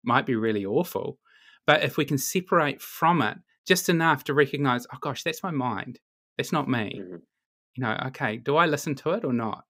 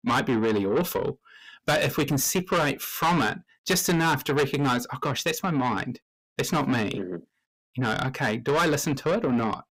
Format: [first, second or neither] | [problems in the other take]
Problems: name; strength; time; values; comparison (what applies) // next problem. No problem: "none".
first | distortion; heavy; 6 dB below the speech